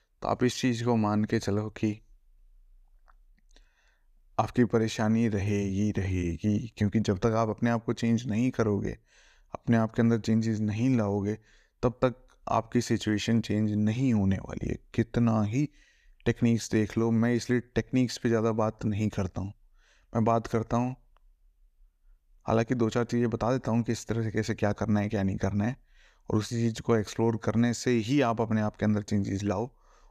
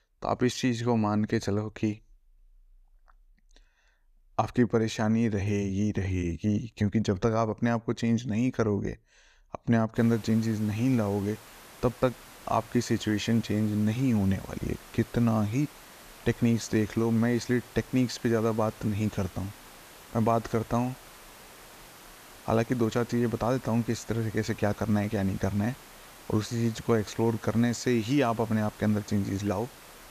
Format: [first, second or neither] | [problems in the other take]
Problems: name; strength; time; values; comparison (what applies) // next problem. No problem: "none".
first | hiss; noticeable; from 10 s on; 20 dB below the speech